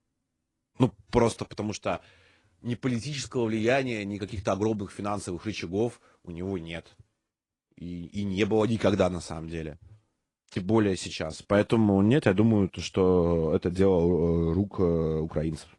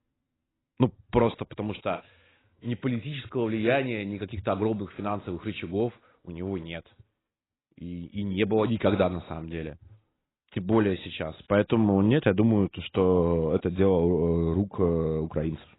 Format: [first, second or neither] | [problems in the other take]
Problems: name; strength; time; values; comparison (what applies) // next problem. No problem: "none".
first | garbled, watery; badly; nothing above 4 kHz; slightly in the first